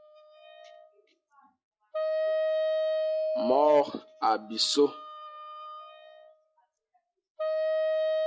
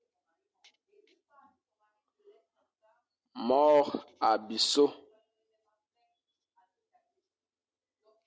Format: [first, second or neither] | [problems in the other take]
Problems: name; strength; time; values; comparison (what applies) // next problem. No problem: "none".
second | noise reduction (classical method log-MMSE)